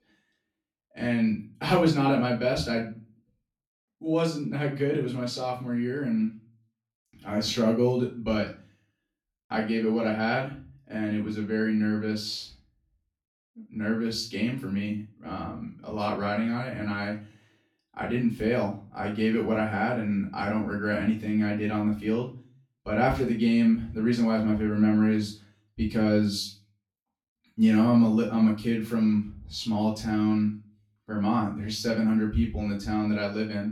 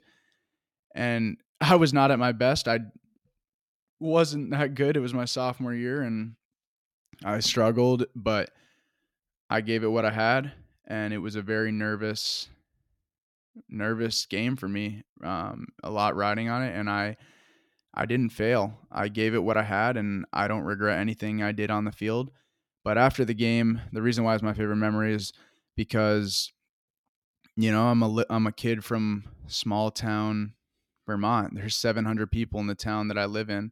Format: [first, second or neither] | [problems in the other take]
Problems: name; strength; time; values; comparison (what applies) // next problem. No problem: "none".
second | off-mic speech; far // room echo; slight; dies away in 0.3 s